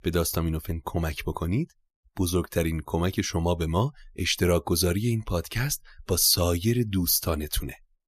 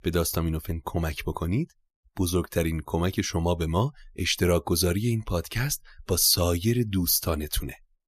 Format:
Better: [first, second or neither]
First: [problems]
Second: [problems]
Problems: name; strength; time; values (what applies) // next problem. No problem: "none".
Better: neither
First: none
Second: none